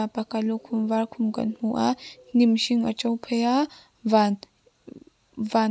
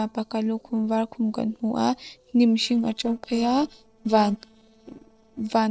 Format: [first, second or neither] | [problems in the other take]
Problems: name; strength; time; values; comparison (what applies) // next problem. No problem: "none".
first | noise reduction (neural separator model SepFormer DNS4)